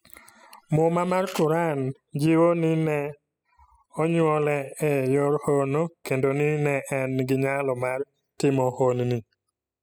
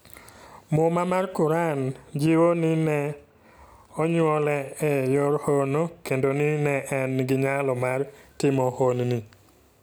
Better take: second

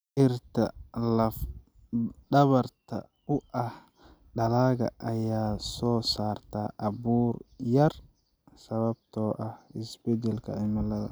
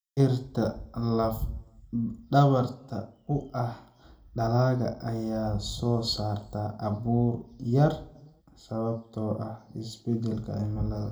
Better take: first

